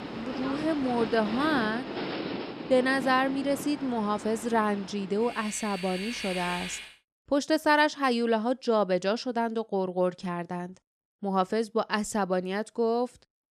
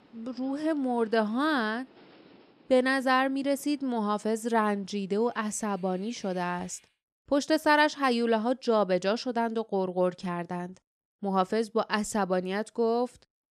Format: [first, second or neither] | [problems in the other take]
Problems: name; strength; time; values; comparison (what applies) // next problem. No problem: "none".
second | train or aircraft noise; loud; until 7 s; 9 dB below the speech; faint in the second